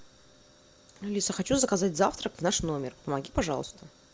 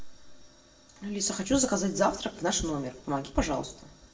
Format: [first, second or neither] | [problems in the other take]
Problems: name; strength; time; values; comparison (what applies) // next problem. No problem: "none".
first | room echo; dies away in 0.5 s